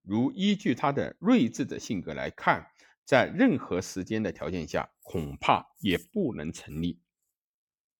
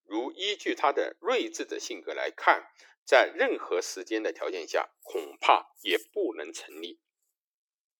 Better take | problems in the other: first | thin; very; fading below 350 Hz

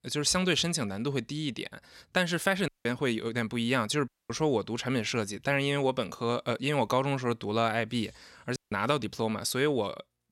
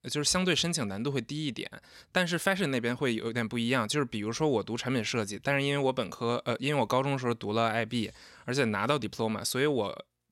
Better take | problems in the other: second | audio cutting out; at 2.5 s, at 4 s and at 8.5 s

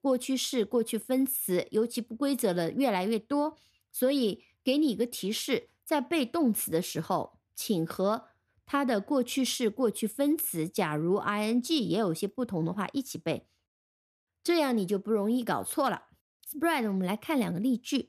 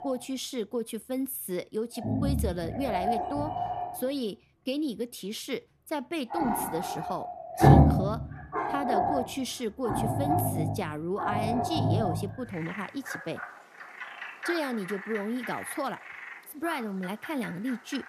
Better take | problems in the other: first | animal sounds; very loud; throughout; 4 dB above the speech

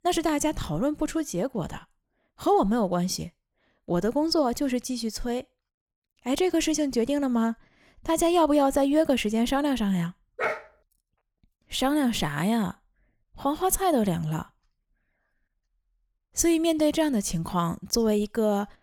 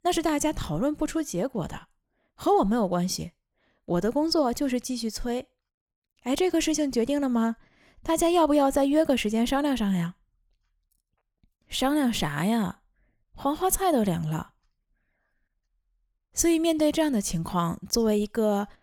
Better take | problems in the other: second | dog barking; noticeable; at 10 s; peak 4 dB below the speech

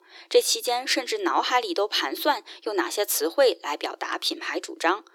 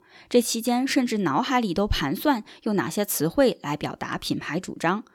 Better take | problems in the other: second | thin; very; fading below 350 Hz

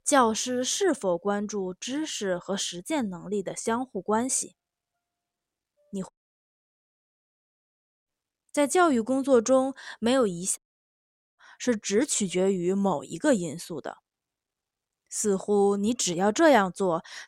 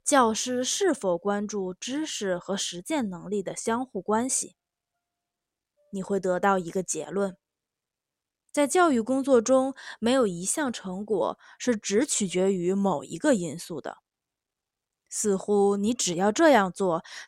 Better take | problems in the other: second | audio cutting out; at 6 s for 2 s and at 11 s for 1 s

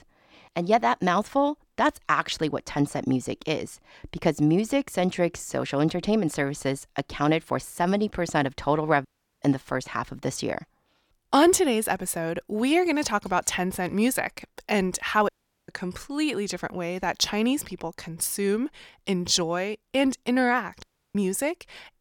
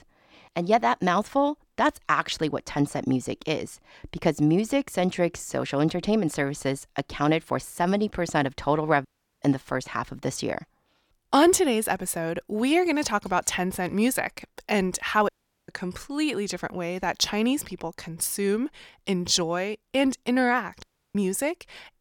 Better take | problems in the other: neither | audio cutting out; at 9 s, at 15 s and at 21 s; the same in both

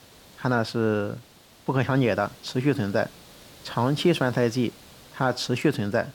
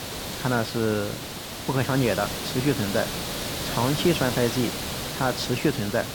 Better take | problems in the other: first | hiss; loud; throughout; 4 dB below the speech; faint in the first

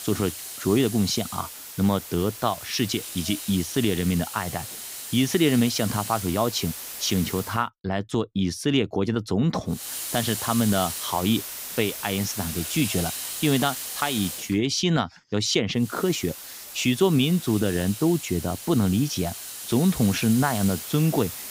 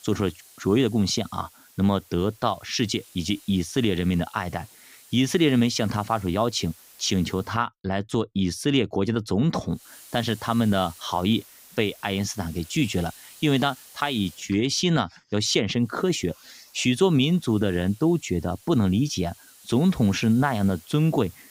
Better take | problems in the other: second | hiss; loud; until 7.5 s, from 10 to 14 s and from 16 s on; 8 dB below the speech; faint in the second

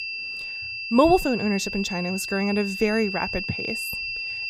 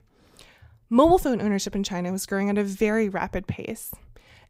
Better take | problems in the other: second | high-pitched whine; loud; throughout; 2.5 kHz, 5 dB below the speech

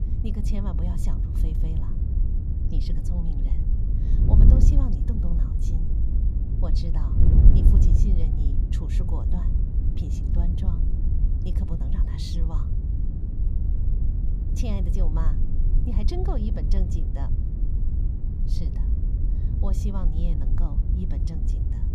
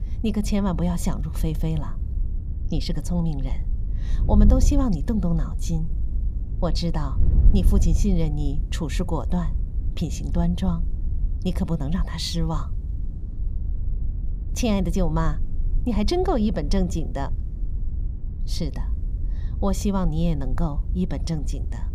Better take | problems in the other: second | wind noise on the microphone; heavy; as loud as the speech; occasional gusts in the second

